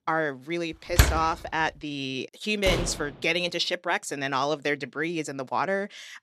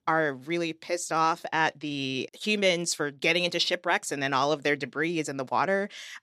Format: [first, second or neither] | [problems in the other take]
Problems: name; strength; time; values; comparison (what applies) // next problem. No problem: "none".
second | door banging; loud; at 1 s; peak 5 dB above the speech // door banging; noticeable; at 2.5 s; peak 2 dB below the speech